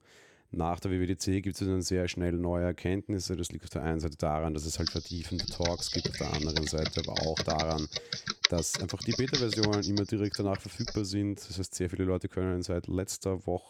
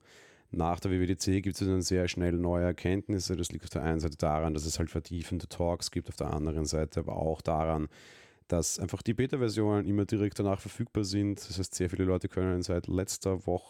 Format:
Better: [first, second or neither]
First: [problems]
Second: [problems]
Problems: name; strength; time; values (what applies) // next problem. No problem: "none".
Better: second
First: keyboard typing; loud; from 5 to 11 s; peak 4 dB above the speech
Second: none